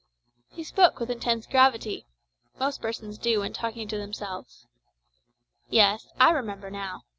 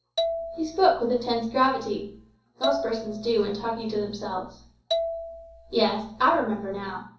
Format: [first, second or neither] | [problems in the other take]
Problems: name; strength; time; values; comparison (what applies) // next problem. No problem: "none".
first | background sound (Marimba, xylophone); 7 dB below the speech // room echo; dies away in 0.6 s